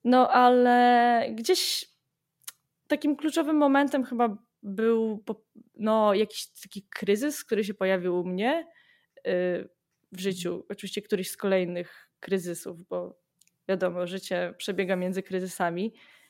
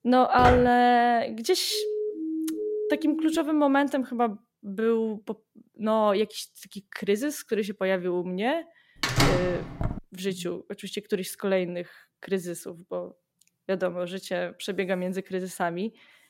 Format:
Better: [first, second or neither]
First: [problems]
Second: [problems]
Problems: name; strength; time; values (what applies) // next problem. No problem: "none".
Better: first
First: none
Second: footsteps; loud; at 0.5 s; peak level with the speech // siren; noticeable; from 1.5 to 3.5 s; peak 3 dB below the speech // door banging; loud; at 9 s; peak 4 dB above the speech